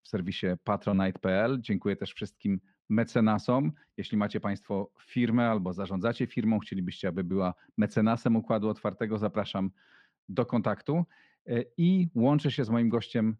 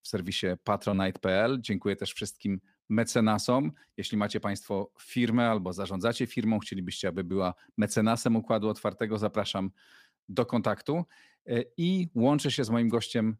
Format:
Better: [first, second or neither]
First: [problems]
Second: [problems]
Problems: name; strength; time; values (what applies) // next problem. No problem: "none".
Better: second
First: muffled; slightly; fading above 3 kHz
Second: none